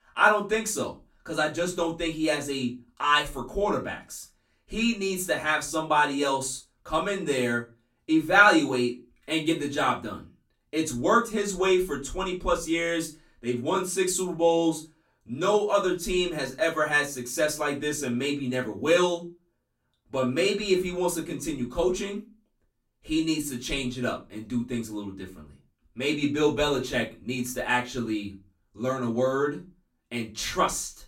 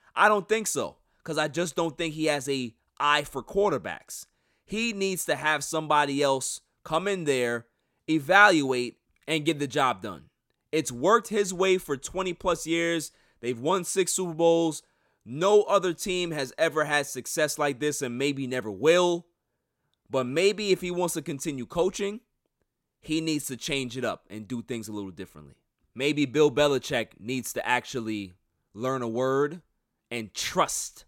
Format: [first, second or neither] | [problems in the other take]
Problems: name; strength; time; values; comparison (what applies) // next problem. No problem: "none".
second | off-mic speech; far // room echo; very slight; dies away in 0.2 s